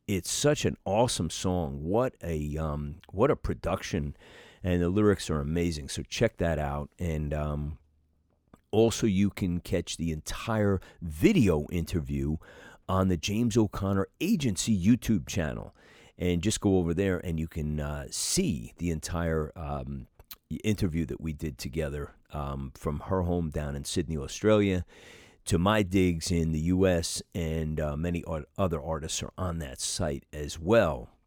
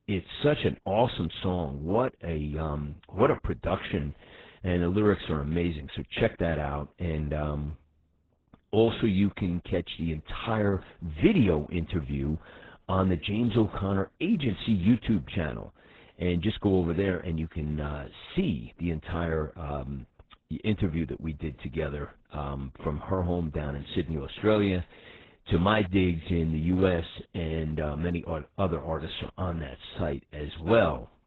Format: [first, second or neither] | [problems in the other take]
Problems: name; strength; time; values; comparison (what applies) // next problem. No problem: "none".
first | garbled, watery; badly; nothing above 4 kHz